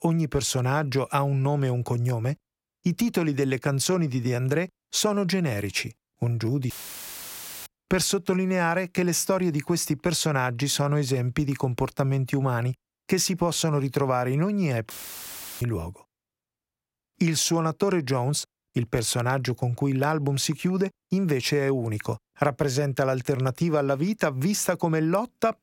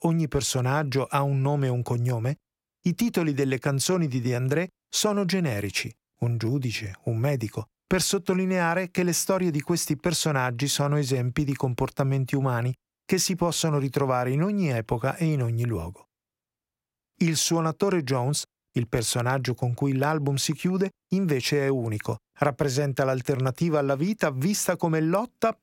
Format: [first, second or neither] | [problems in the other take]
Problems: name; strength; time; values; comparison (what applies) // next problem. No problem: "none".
second | audio cutting out; filled with static; at 6.5 s for 1 s and at 15 s for 0.5 s